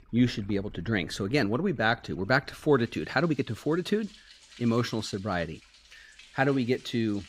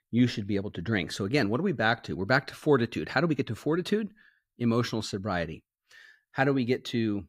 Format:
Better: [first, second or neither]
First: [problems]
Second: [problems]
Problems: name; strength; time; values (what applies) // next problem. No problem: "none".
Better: second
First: rain or running water; faint; throughout; 25 dB below the speech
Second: none